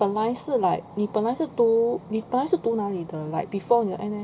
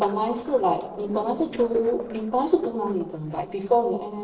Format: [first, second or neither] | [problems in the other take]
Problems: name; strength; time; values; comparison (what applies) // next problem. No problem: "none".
first | noise reduction (neural separator model SepFormer DNS4)